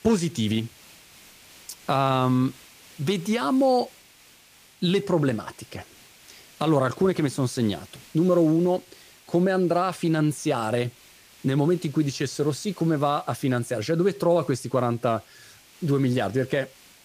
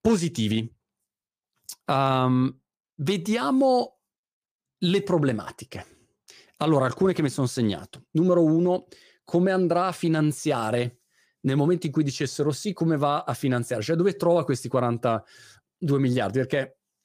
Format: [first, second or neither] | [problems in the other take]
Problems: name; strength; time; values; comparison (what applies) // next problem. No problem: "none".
second | hiss; faint; throughout; 25 dB below the speech